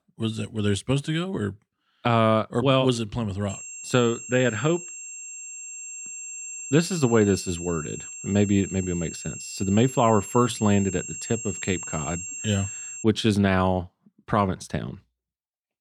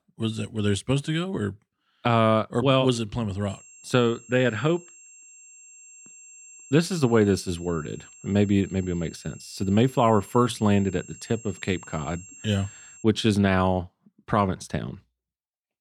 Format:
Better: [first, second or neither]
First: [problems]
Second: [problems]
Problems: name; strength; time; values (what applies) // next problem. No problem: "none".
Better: second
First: high-pitched whine; loud; from 3.5 to 13 s; 7.5 kHz, 10 dB below the speech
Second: high-pitched whine; faint; from 3.5 to 13 s; 7.5 kHz, 20 dB below the speech